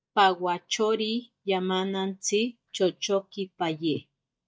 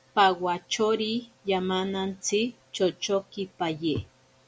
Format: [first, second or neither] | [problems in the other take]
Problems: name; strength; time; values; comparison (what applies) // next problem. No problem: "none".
second | noise reduction (neural mask model DeepFilterNet 3)